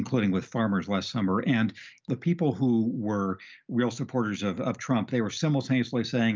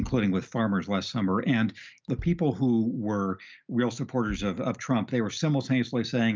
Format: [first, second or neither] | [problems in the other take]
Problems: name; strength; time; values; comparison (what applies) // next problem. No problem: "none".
first | background sound (Bass drum); 20 dB below the speech